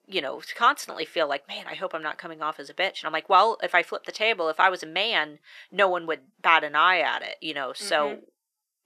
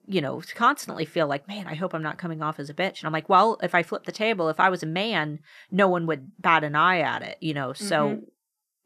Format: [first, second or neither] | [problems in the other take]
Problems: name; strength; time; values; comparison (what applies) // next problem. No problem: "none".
second | thin; very; fading below 500 Hz